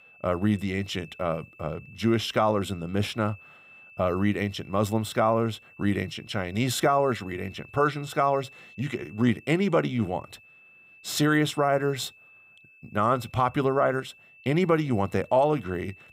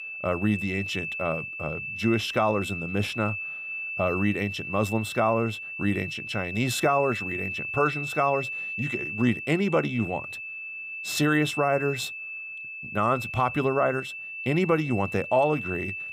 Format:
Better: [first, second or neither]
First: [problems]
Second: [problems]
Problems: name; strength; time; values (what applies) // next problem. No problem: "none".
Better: first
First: high-pitched whine; faint; throughout; 2.5 kHz, 25 dB below the speech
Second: high-pitched whine; loud; throughout; 2.5 kHz, 6 dB below the speech